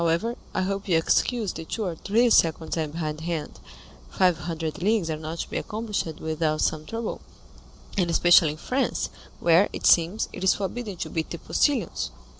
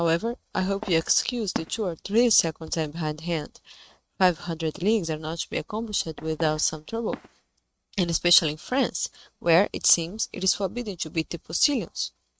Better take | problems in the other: first | noise reduction (neural mask model RNNoise)

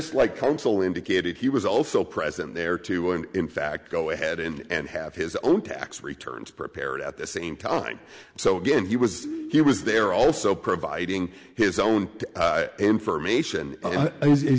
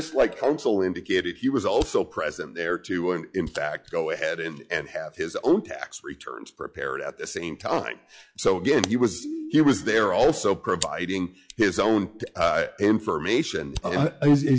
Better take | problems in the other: first | noise reduction (classical method log-MMSE)

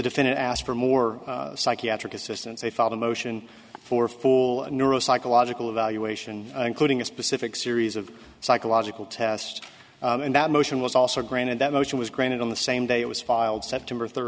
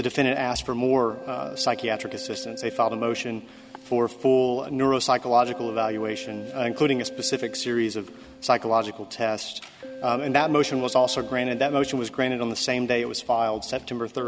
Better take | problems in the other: first | background sound (Keyboard (musical)); 16 dB below the speech

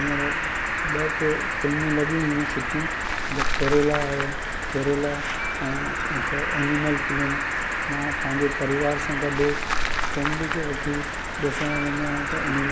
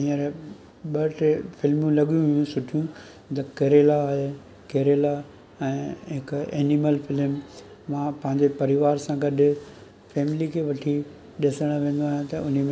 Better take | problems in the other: second | background sound (Cricket); 1 dB above the speech

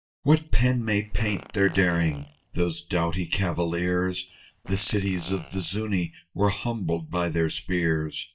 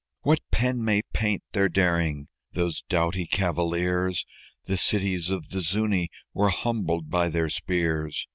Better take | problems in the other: second | noise reduction (neural mask model DeepFilterNet 3)

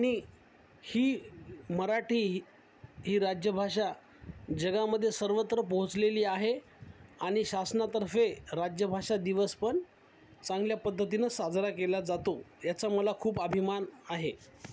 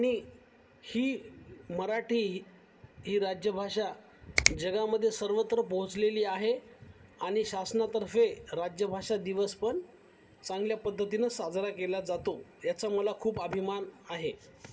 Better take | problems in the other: first | background sound (Finger snapping); 1 dB below the speech // room echo; dies away in 0.3 s

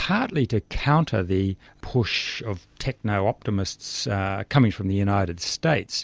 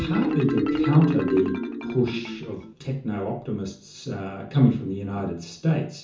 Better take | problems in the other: first | background sound (Marimba, xylophone); 5 dB below the speech // room echo; dies away in 0.6 s

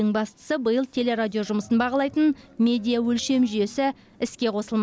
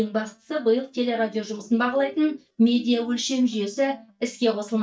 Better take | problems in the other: first | noise reduction (neural mask model DeepFilterNet 3)

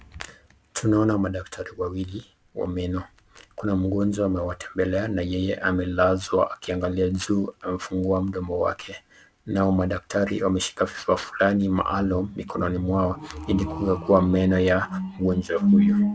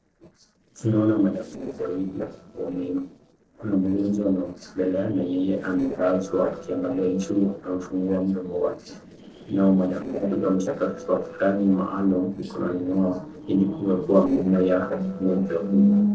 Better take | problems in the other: first | noise reduction (neural separator model SepFormer DNS4)

